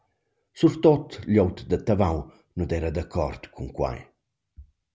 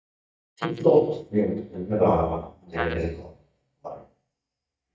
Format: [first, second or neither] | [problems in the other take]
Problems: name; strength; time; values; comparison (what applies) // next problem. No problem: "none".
first | noise reduction (neural mask model DeepFilterNet 3)